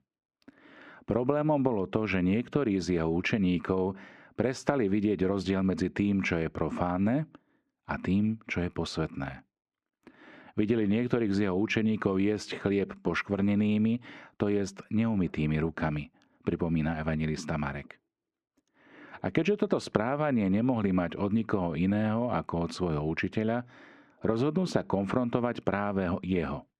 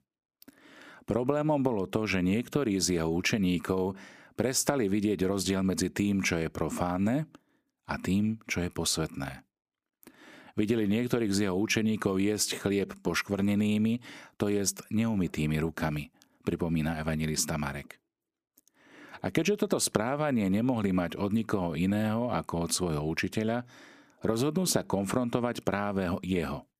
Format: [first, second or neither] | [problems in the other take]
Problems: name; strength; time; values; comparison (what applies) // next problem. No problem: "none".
second | muffled; slightly; fading above 2.5 kHz